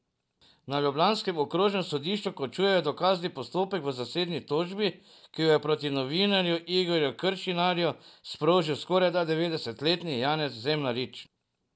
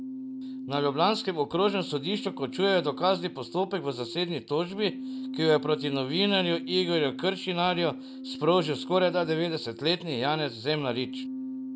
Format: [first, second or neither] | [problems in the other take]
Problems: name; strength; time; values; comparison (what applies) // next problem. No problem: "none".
first | background sound (Keyboard (musical)); 11 dB below the speech